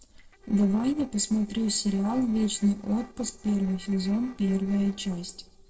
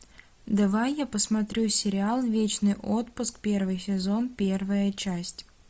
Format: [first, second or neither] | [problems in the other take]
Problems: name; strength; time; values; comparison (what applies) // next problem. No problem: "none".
second | noise reduction (neural separator model SepFormer DNS4)